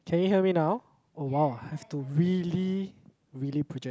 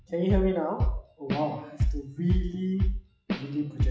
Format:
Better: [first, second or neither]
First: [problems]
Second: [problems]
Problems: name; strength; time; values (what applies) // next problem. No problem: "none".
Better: first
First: none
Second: noise reduction (classical method WPE with log-MMSE)